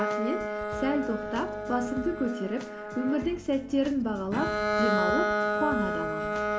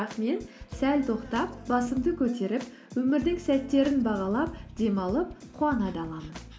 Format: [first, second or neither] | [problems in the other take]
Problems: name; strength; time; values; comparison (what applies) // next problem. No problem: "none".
second | background sound (Bowed string instrument); as loud as the speech